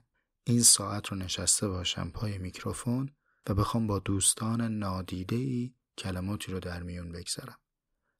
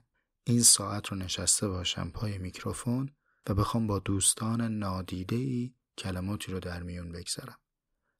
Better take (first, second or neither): neither